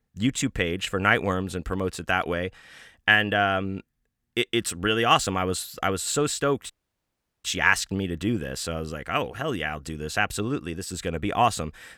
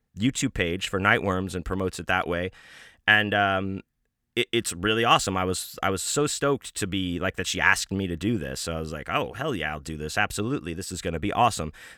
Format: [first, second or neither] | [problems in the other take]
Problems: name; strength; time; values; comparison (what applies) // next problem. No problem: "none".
second | audio cutting out; at 6.5 s for 0.5 s